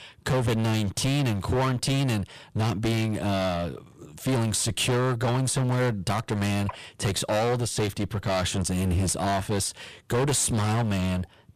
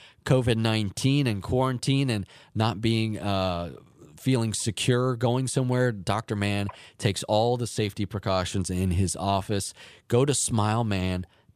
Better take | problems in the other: second | distortion; heavy; 22% of the sound clipped

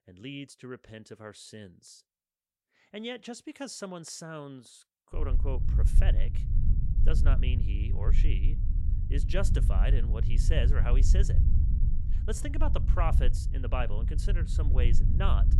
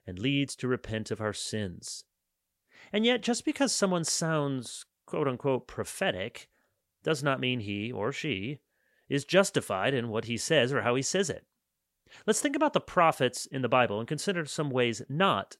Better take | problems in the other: second | low rumble; loud; from 5 s on; 7 dB below the speech

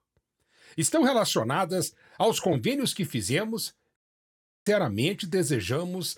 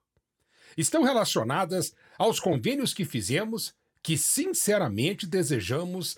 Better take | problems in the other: second | audio cutting out; at 4 s for 0.5 s

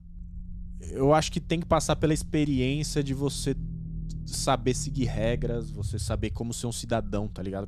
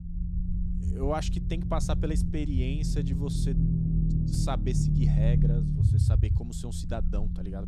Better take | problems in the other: first | low rumble; loud; throughout; 2 dB below the speech; faint in the first

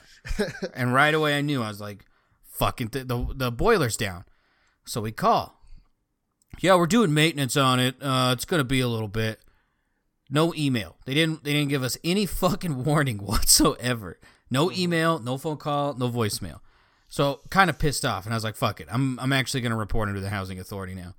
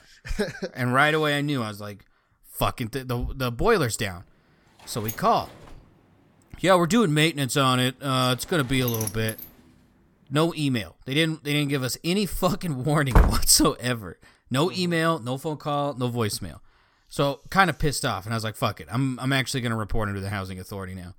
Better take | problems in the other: first | door banging; noticeable; from 5 to 9.5 s; peak 6 dB below the speech // door banging; loud; at 13 s; peak 2 dB above the speech

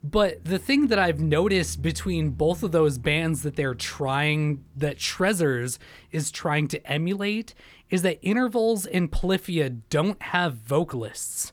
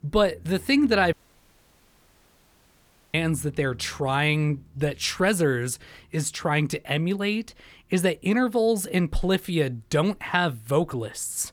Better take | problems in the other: first | audio cutting out; at 1 s for 2 s

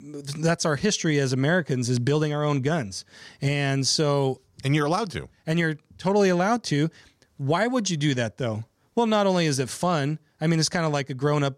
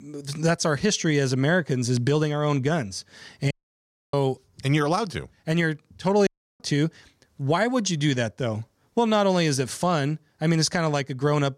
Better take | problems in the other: first | audio cutting out; at 3.5 s for 0.5 s and at 6.5 s

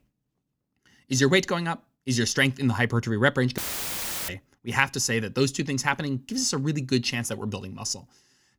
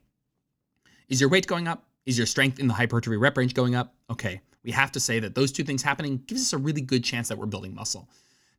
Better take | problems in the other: second | audio cutting out; filled with static; at 3.5 s for 0.5 s

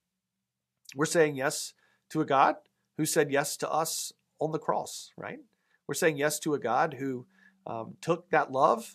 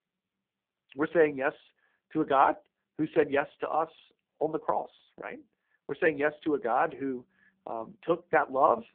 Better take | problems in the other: first | phone-call audio; poor line

